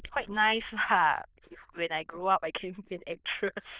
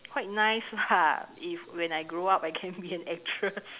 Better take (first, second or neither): second